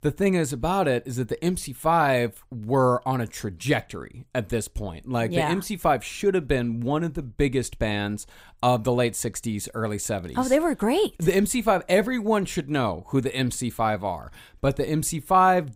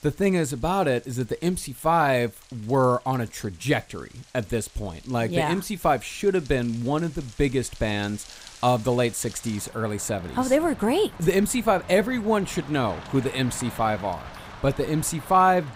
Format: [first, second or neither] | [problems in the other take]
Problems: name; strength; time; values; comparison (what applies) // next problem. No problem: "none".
first | rain or running water; noticeable; throughout; 20 dB below the speech